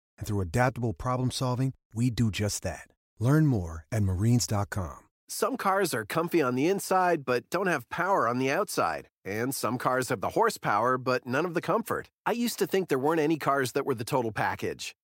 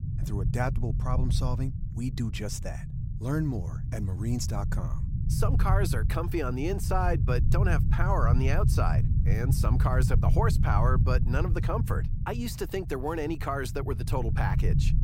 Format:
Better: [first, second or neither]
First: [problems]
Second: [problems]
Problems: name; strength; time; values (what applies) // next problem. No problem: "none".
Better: first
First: none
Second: low rumble; loud; throughout; 9 dB below the speech